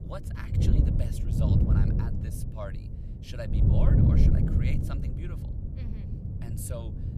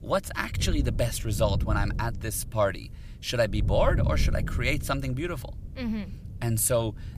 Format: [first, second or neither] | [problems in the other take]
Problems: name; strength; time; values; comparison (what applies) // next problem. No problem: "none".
second | wind noise on the microphone; heavy; 5 dB above the speech; occasional gusts in the second